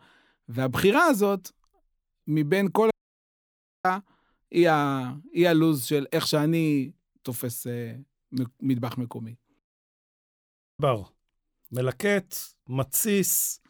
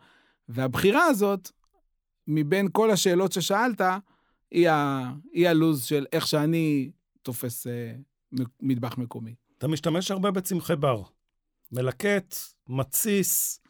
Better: second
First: audio cutting out; at 3 s for 1 s and at 9.5 s for 1 s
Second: none

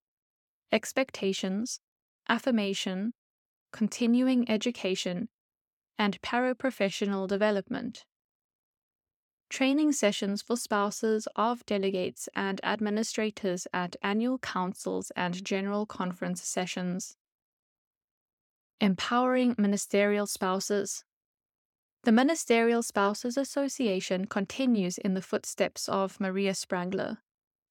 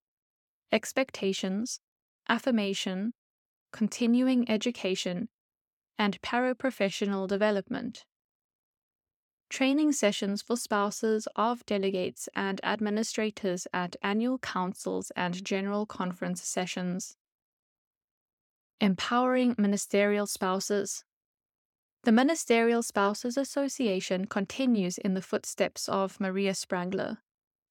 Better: neither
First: none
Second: none

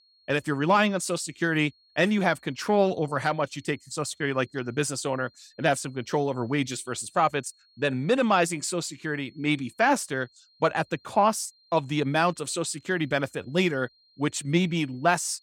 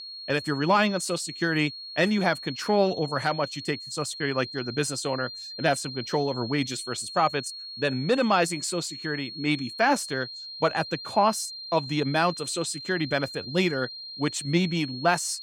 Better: first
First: high-pitched whine; faint; throughout; 4.5 kHz, 35 dB below the speech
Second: high-pitched whine; loud; throughout; 4.5 kHz, 10 dB below the speech

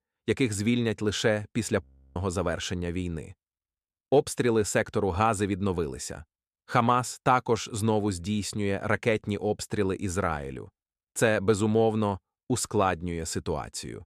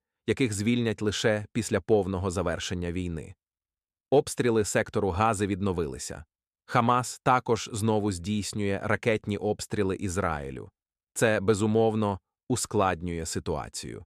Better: second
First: audio freezing; at 2 s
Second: none

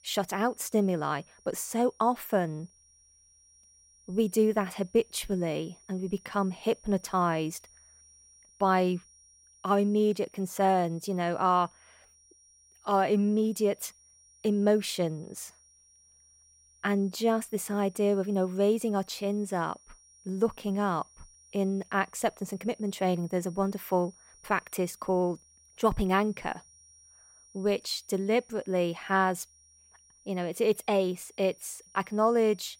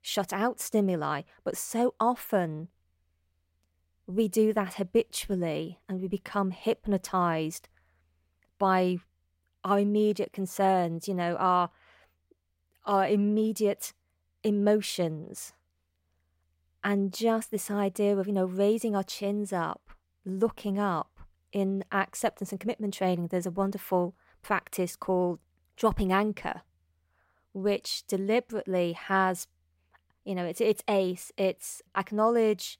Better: second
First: high-pitched whine; faint; throughout; 5.5 kHz, 30 dB below the speech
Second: none

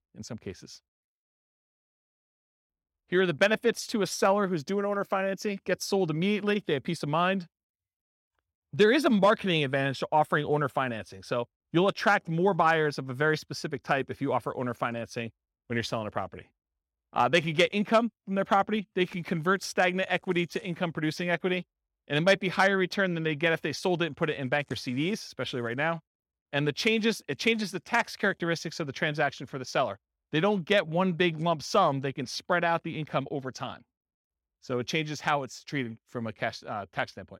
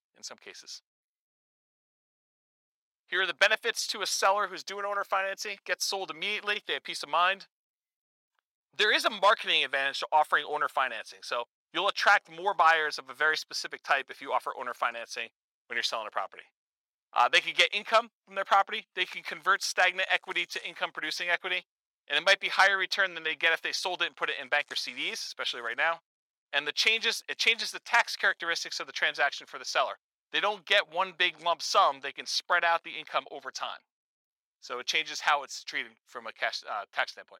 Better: first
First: none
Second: thin; very; fading below 950 Hz

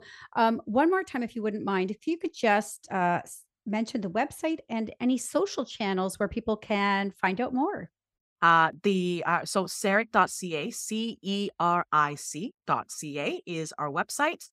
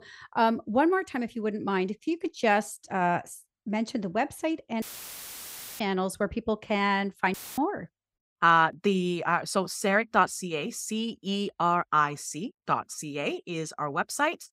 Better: first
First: none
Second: audio cutting out; filled with static; at 5 s for 1 s and at 7.5 s

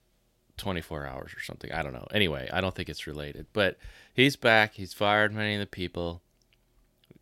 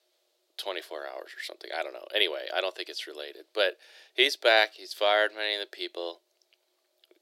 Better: first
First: none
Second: thin; very; fading below 350 Hz

